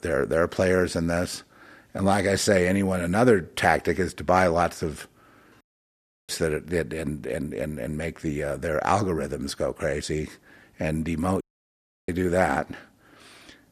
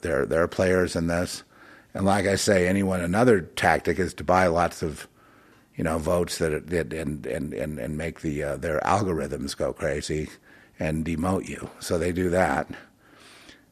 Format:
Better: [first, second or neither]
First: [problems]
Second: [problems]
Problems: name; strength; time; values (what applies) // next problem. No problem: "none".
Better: second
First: audio cutting out; at 5.5 s for 0.5 s and at 11 s for 0.5 s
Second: none